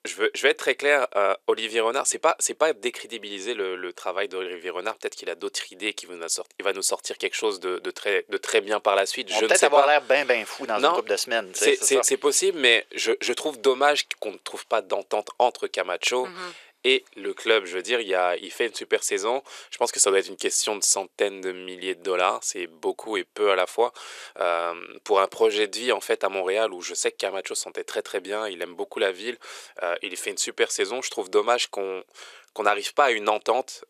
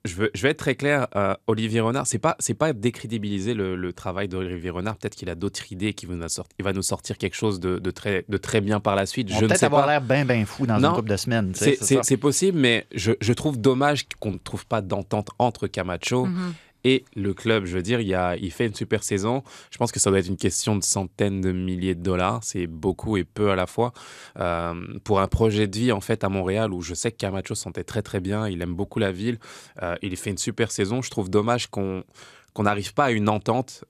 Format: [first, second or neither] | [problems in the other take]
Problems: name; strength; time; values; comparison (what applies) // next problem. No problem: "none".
second | thin; very; fading below 450 Hz